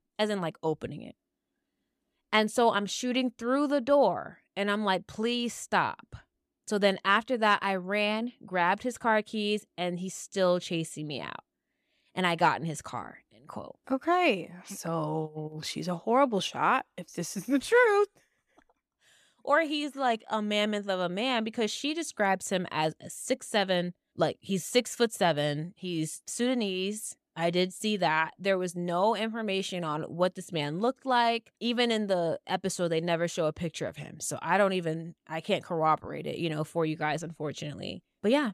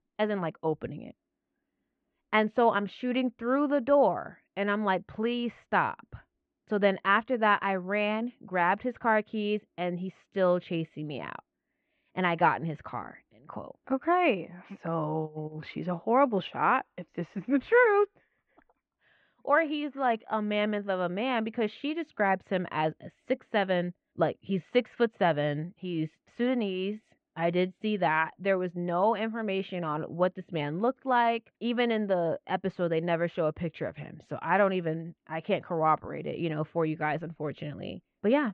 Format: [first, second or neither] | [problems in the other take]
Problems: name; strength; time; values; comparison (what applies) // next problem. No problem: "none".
first | muffled; very; fading above 2.5 kHz